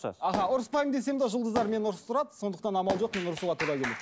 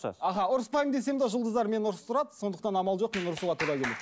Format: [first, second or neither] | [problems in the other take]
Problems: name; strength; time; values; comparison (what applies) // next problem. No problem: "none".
second | background sound (Fireworks); 11 dB below the speech